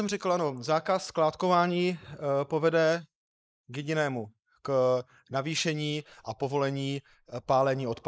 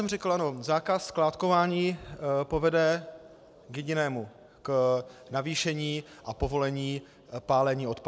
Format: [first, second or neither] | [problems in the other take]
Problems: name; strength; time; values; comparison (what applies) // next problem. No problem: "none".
second | noise reduction (neural mask model Resemble Enhance denoiser)